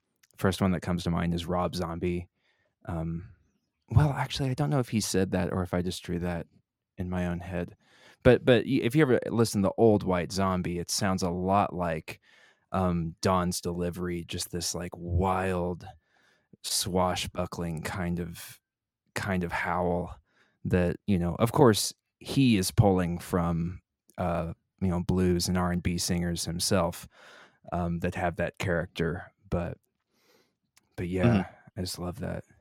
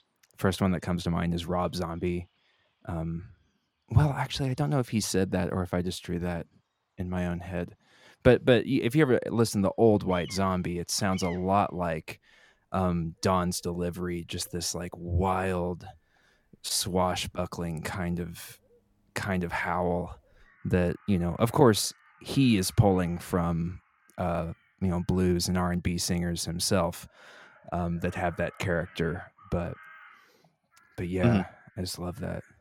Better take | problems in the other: first | animal sounds; faint; throughout; 25 dB below the speech

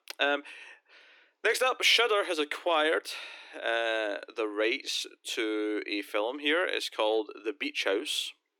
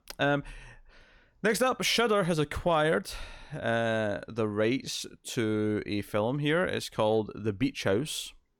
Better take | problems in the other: second | thin; somewhat; fading below 300 Hz

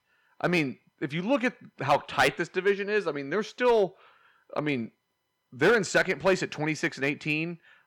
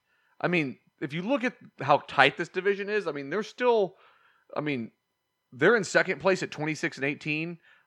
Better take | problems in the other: second | distortion; slight; 1.7% of the sound clipped

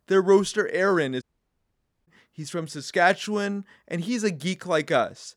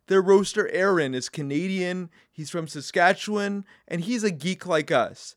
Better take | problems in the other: second | audio cutting out; at 1 s for 1 s

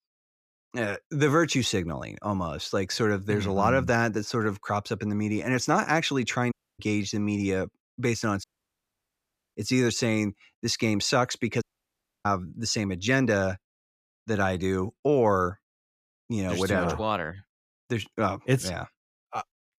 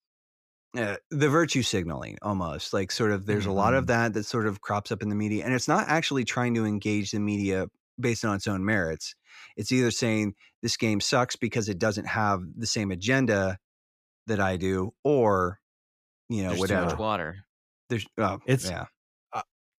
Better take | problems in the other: second | audio cutting out; at 6.5 s, at 8.5 s for 1 s and at 12 s for 0.5 s

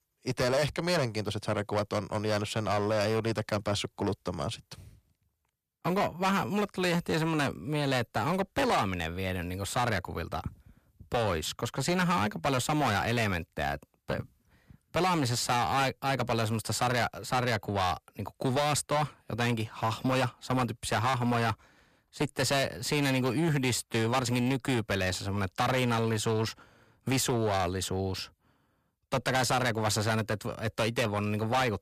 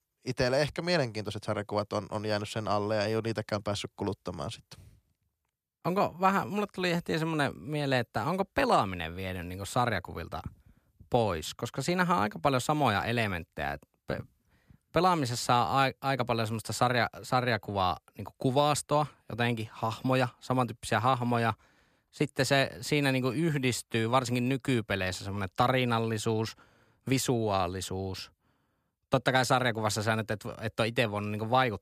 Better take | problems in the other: second | distortion; heavy; 10% of the sound clipped

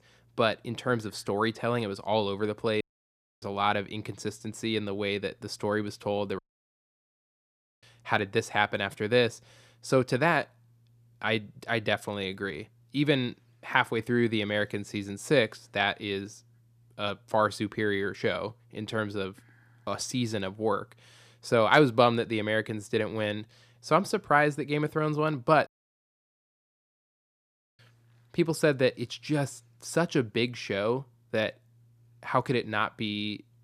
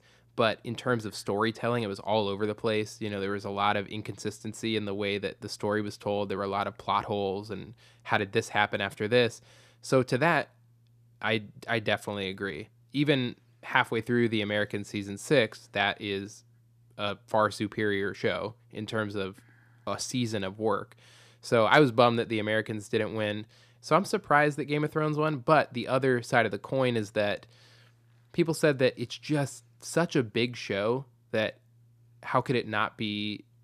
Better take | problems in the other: second | audio cutting out; at 3 s for 0.5 s, at 6.5 s for 1.5 s and at 26 s for 2 s

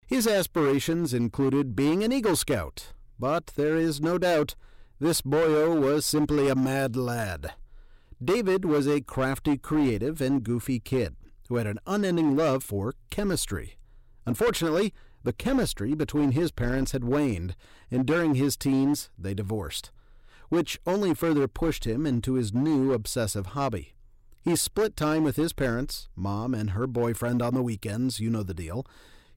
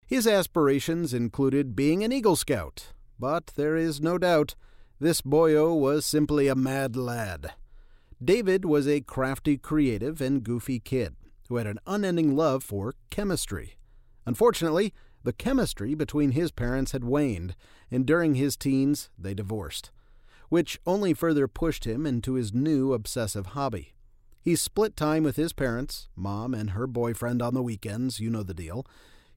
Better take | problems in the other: second | distortion; slight; 9% of the sound clipped

